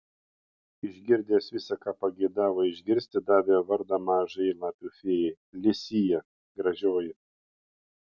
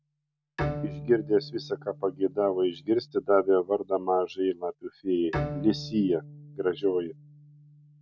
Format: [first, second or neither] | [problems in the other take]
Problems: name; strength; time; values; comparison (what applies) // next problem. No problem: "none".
first | background sound (Bowed string instrument); 11 dB below the speech